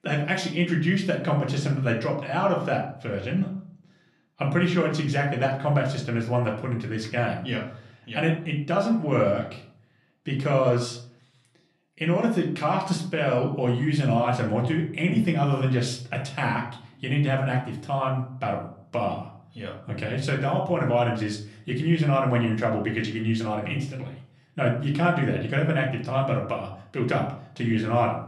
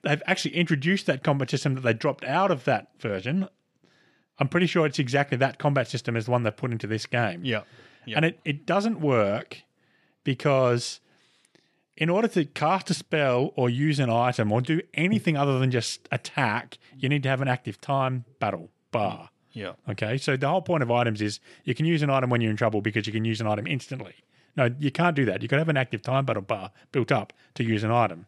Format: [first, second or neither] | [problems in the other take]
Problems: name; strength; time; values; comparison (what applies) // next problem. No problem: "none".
second | room echo; slight; dies away in 0.5 s // off-mic speech; somewhat distant